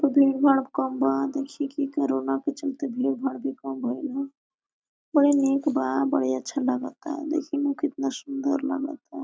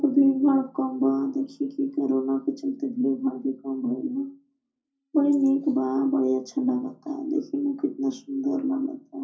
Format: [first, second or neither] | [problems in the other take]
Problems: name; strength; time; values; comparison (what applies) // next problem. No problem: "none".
first | room echo; dies away in 0.5 s